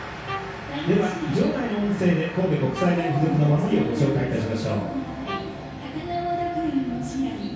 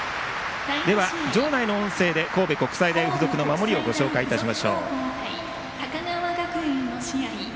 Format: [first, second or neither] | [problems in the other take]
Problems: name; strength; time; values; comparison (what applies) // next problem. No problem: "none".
second | background sound (Bowed string instrument); 17 dB below the speech // room echo; dies away in 0.6 s